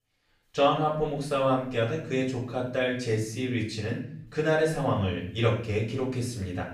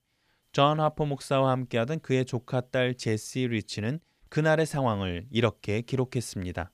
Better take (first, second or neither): second